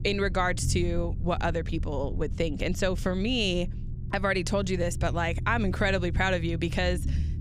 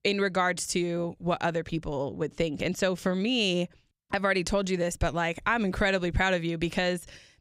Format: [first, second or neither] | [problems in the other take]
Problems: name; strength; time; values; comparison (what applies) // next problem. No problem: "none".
second | low rumble; noticeable; throughout; 20 dB below the speech